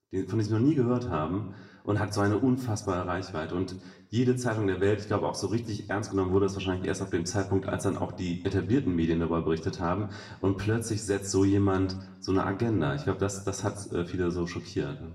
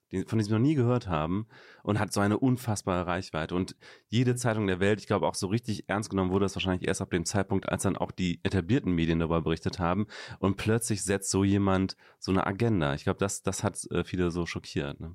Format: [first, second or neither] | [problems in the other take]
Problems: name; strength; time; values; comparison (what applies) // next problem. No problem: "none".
second | room echo; slight; dies away in 0.6 s // off-mic speech; somewhat distant